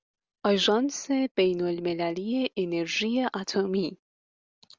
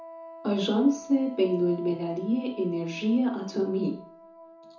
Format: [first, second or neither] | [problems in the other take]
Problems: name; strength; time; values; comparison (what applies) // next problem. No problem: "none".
first | background sound (Wind instrument, woodwind instrument); 17 dB below the speech // room echo; dies away in 0.6 s